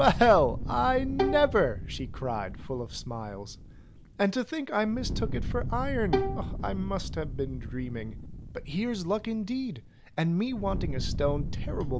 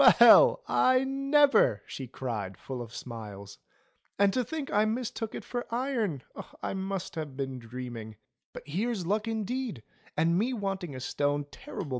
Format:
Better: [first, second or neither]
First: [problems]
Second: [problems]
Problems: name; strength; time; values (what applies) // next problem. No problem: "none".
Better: second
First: background sound (Fire + Bowed string instrument); 4 dB below the speech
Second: none